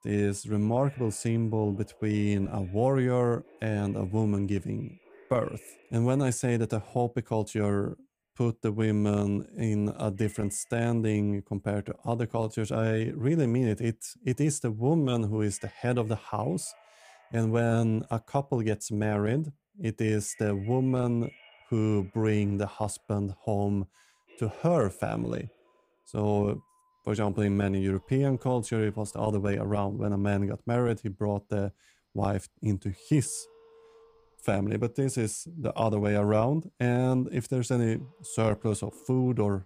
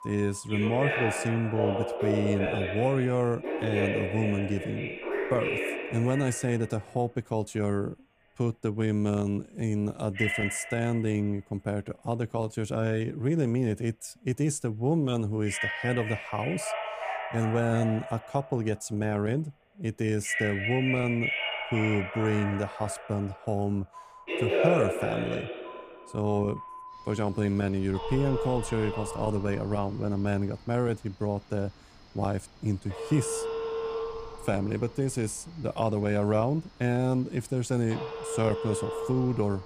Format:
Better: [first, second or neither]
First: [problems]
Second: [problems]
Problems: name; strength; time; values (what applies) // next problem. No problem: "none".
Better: first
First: alarms or sirens; faint; throughout; 30 dB below the speech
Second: alarms or sirens; loud; throughout; 3 dB below the speech